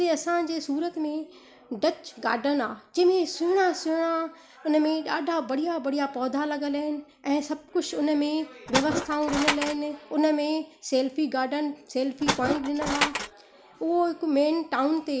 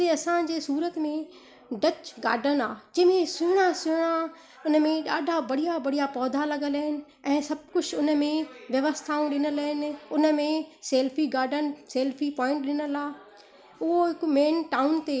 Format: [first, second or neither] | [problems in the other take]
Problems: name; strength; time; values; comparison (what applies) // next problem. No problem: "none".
second | background sound (Tools); 2 dB below the speech